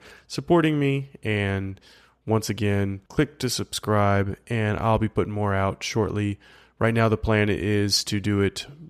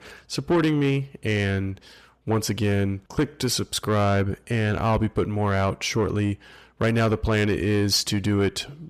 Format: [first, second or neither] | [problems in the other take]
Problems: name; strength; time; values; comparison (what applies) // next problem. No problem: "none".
first | distortion; slight; 10 dB below the speech